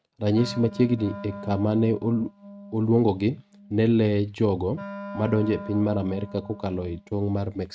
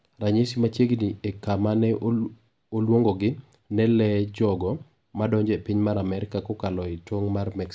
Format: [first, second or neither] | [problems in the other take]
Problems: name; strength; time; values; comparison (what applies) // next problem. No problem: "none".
second | noise reduction (neural mask model RNNoise)